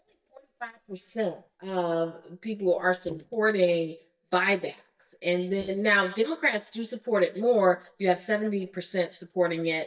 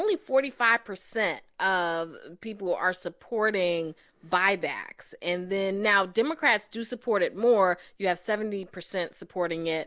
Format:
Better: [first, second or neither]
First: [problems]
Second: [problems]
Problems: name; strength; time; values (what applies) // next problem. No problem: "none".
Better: second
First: noise reduction (neural mask model DeepFilterNet 3)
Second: none